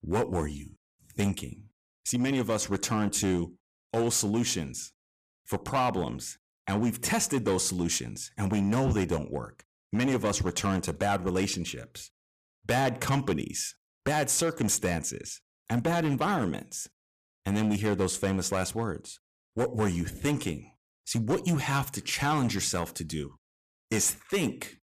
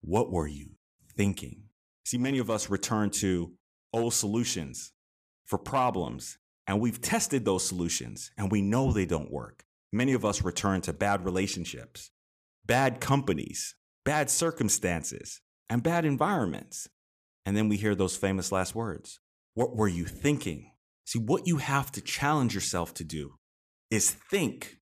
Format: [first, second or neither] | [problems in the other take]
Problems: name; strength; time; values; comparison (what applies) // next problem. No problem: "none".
second | distortion; slight; 7% of the sound clipped